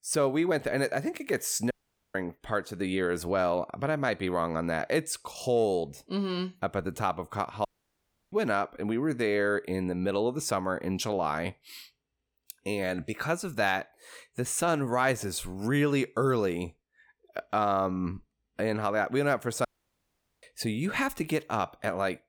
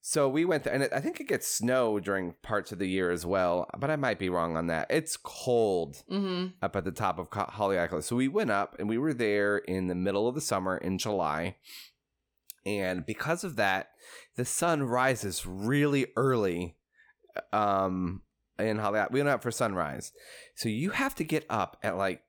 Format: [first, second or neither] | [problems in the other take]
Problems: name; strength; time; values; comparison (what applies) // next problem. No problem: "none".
second | audio cutting out; at 1.5 s, at 7.5 s for 0.5 s and at 20 s for 1 s